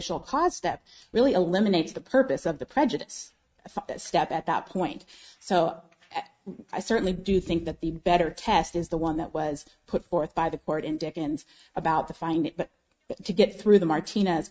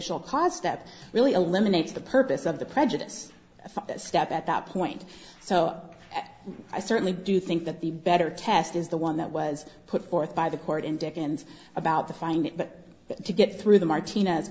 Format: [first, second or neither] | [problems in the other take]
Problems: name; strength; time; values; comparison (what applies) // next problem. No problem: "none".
second | noise reduction (neural mask model RNNoise)